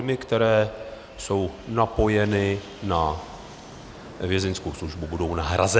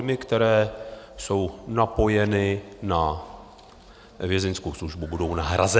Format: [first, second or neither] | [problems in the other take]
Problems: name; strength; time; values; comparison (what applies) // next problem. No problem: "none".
second | background sound (Fixed-wing aircraft, airplane); 19 dB below the speech